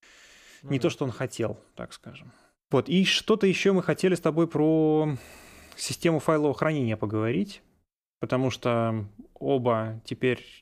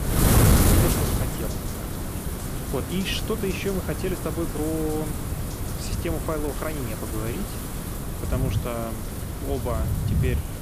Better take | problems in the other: first | wind noise on the microphone; heavy; as loud as the speech

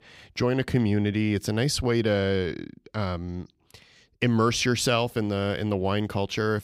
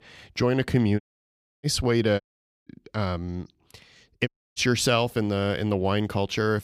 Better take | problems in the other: first | audio cutting out; at 1 s for 0.5 s, at 2 s and at 4.5 s

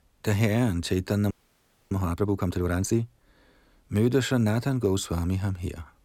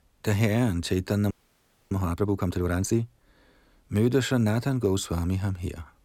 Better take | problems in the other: neither | audio freezing; at 1.5 s for 0.5 s; the same in both

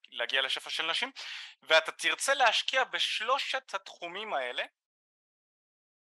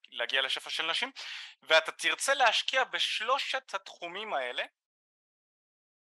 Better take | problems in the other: neither | thin; very; fading below 850 Hz; the same in both

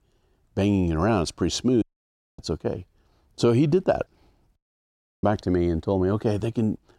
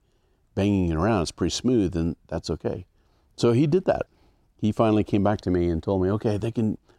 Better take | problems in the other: second | audio cutting out; at 2 s for 0.5 s and at 4.5 s for 0.5 s

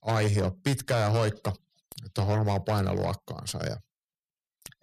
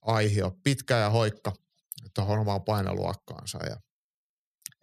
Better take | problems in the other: second | distortion; slight; 10 dB below the speech

